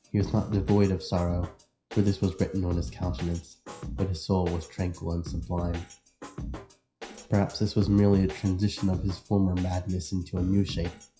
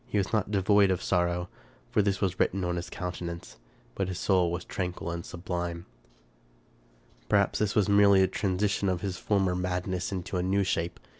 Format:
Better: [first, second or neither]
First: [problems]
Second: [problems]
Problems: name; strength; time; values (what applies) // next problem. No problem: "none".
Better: second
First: noise reduction (classical method WPE with log-MMSE)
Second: none